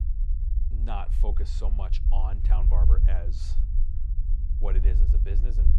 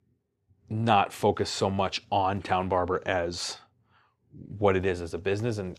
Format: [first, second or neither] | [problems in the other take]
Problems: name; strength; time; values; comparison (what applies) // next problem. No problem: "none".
second | low rumble; loud; throughout; 6 dB below the speech